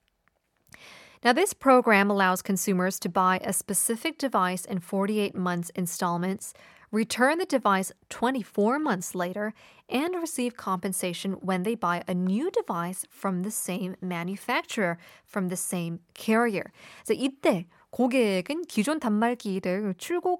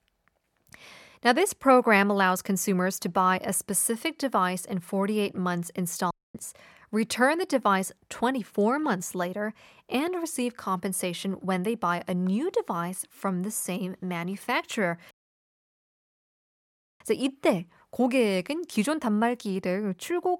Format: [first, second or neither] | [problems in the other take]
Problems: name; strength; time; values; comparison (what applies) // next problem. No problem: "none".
first | audio cutting out; at 6 s and at 15 s for 2 s